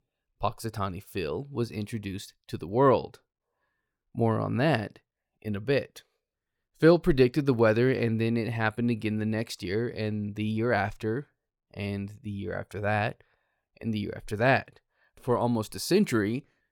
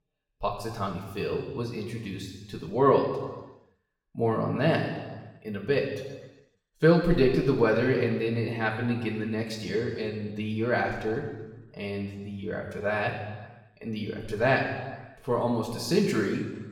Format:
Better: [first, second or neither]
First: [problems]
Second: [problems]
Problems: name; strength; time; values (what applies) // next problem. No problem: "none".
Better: first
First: none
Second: room echo; noticeable; dies away in 1.2 s // off-mic speech; far